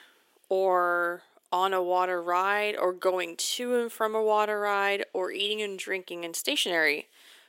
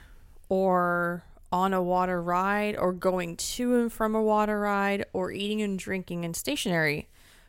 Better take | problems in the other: second | thin; somewhat; fading below 350 Hz

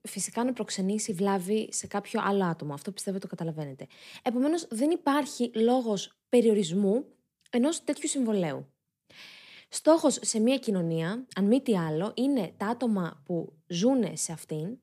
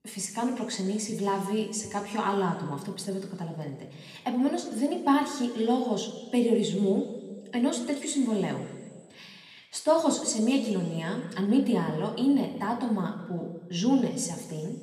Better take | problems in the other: first | room echo; slight; dies away in 1.5 s

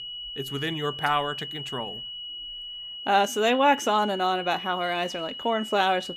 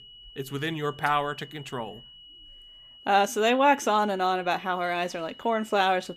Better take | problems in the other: second | high-pitched whine; loud; throughout; 3 kHz, 9 dB below the speech; faint in the second

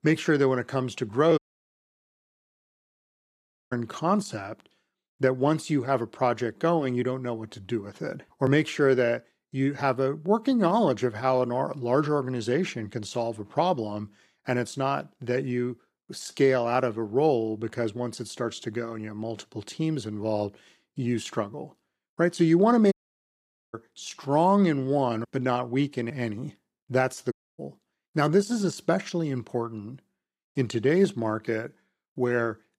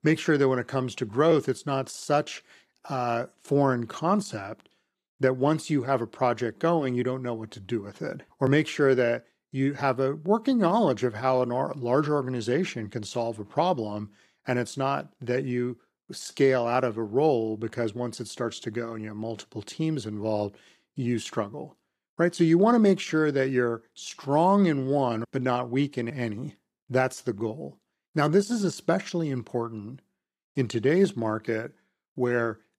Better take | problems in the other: second | audio cutting out; at 1.5 s for 2.5 s, at 23 s for 1 s and at 27 s

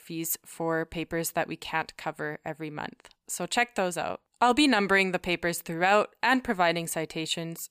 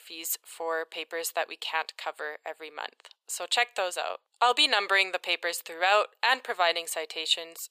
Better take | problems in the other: first | thin; very; fading below 500 Hz

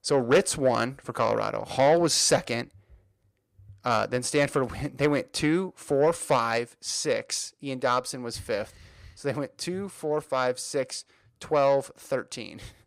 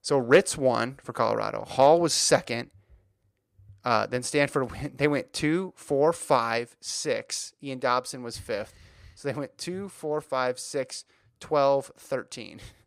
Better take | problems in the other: second | distortion; slight; 10 dB below the speech

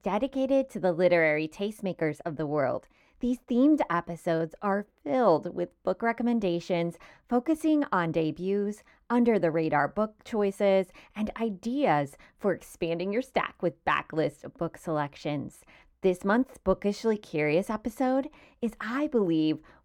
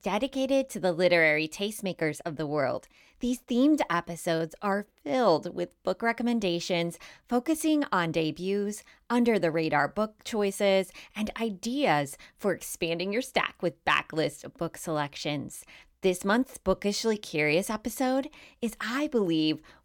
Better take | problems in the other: second | muffled; slightly; fading above 2.5 kHz

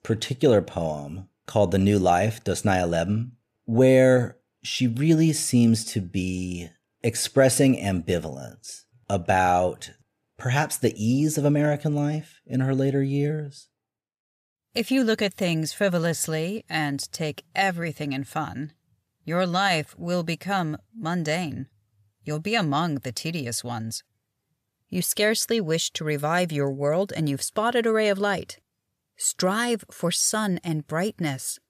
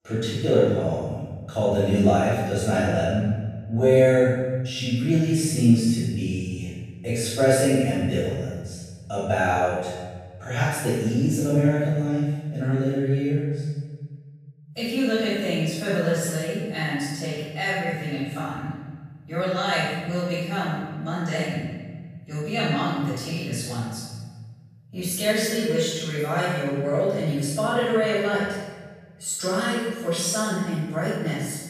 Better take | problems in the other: first | off-mic speech; far // room echo; strong; dies away in 1.4 s

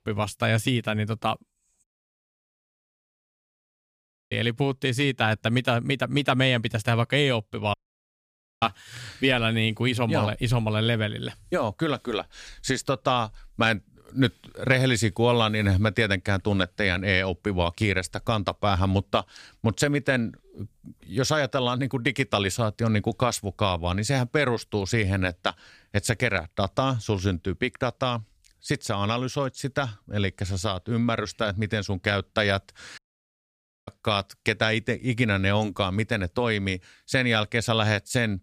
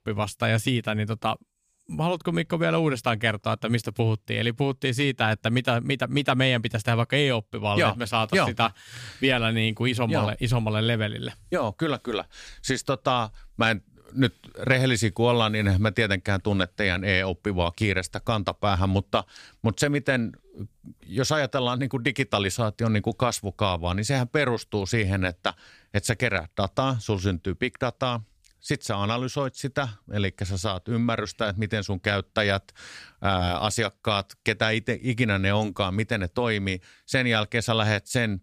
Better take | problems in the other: second | audio cutting out; at 2 s for 2.5 s, at 7.5 s for 1 s and at 33 s for 1 s

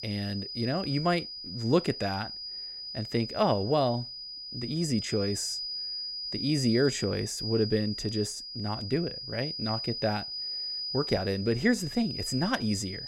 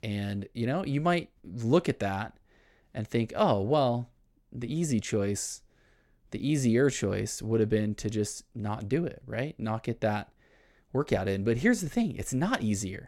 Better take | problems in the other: second | high-pitched whine; loud; throughout; 5 kHz, 5 dB below the speech

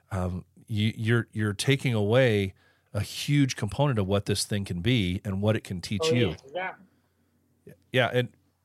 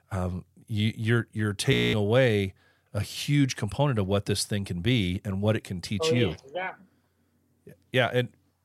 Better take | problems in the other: first | audio freezing; at 1.5 s

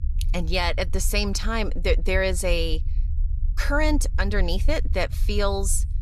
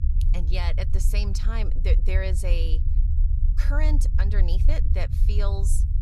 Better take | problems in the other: first | low rumble; loud; throughout; 9 dB below the speech; faint in the first

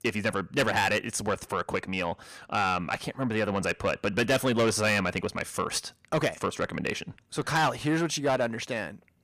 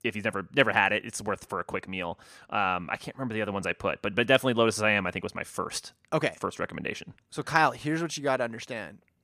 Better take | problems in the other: second | distortion; heavy; 6 dB below the speech

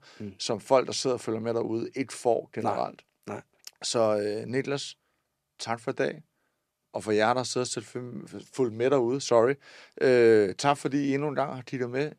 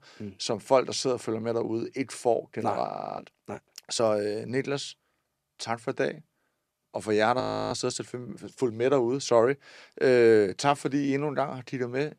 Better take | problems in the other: first | audio freezing; at 3 s and at 7.5 s

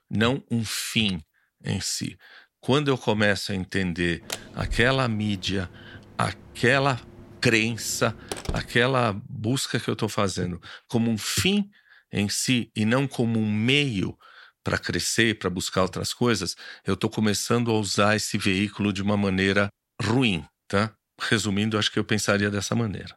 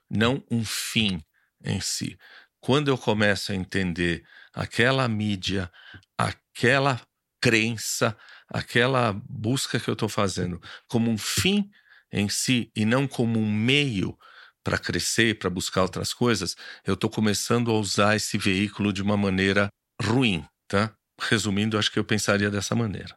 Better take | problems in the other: second | door banging; noticeable; from 4.5 to 8.5 s; peak 9 dB below the speech

